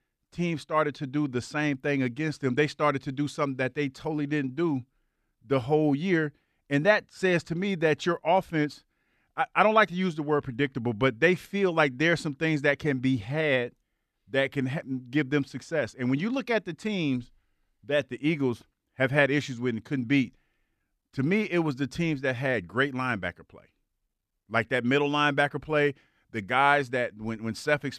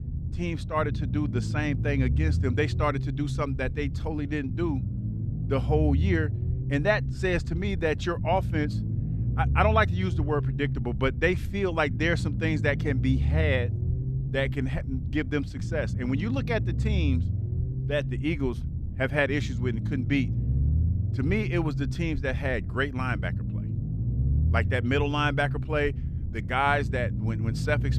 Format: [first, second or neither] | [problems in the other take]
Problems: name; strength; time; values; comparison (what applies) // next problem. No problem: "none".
first | low rumble; noticeable; throughout; 15 dB below the speech